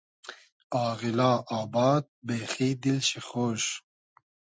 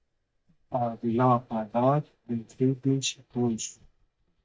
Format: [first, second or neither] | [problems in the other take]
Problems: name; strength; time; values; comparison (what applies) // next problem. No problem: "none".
first | noise reduction (neural mask model DeepFilterNet 3)